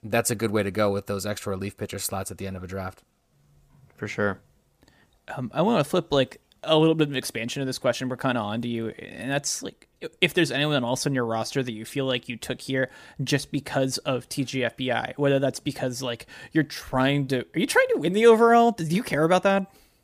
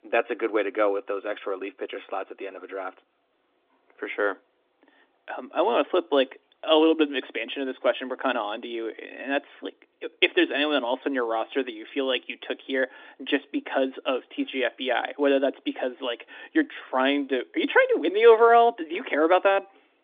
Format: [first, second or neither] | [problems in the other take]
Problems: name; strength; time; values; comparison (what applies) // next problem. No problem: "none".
first | phone-call audio; nothing above 3.5 kHz